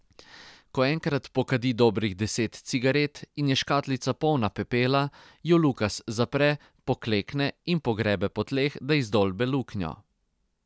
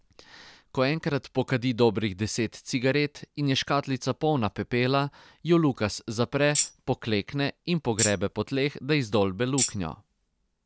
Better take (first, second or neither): first